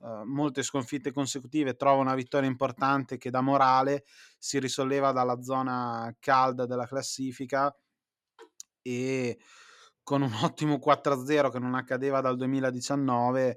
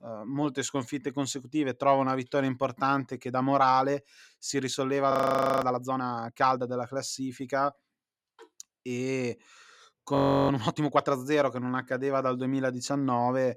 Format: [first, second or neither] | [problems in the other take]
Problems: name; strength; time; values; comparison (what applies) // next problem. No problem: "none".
first | audio freezing; at 5 s for 0.5 s and at 10 s